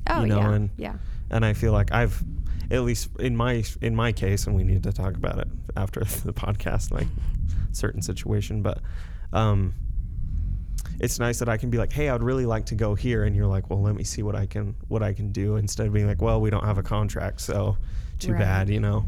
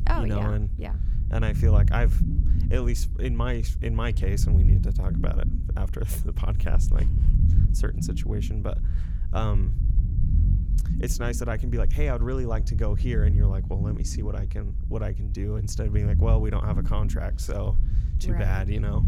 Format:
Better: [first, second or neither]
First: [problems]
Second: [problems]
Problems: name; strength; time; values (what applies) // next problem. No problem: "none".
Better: first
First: low rumble; faint; throughout; 20 dB below the speech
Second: low rumble; loud; throughout; 8 dB below the speech